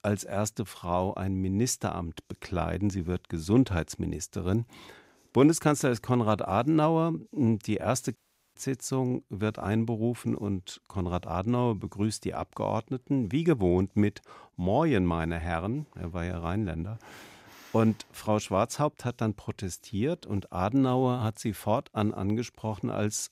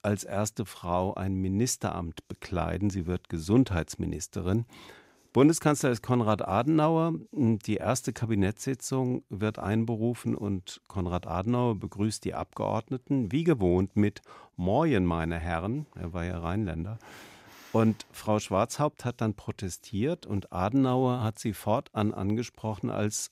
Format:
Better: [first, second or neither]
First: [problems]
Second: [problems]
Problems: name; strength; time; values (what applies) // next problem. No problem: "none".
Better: second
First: audio cutting out; at 8 s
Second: none